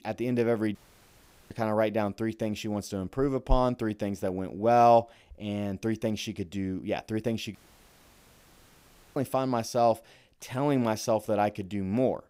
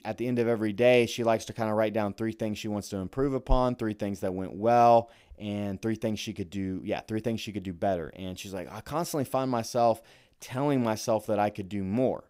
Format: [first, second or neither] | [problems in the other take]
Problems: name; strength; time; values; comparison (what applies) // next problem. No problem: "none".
second | audio cutting out; at 1 s for 1 s and at 7.5 s for 1.5 s